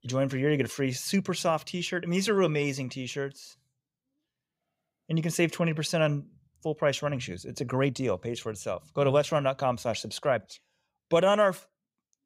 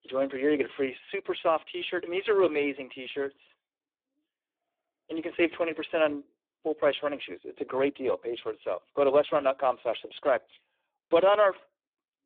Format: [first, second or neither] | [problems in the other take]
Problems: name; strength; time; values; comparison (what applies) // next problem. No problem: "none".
first | phone-call audio; poor line